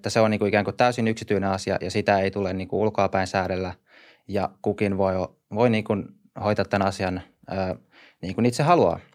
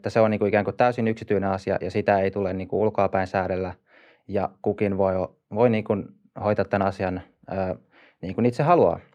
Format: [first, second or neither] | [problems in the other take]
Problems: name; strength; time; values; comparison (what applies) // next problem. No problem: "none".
first | muffled; slightly; fading above 3.5 kHz